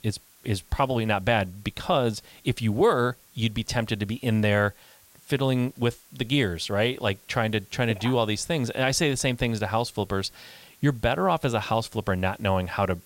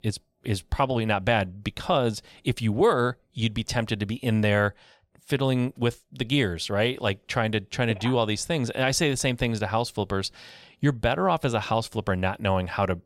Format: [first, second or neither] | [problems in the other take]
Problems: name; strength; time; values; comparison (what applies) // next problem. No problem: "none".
second | hiss; faint; throughout; 25 dB below the speech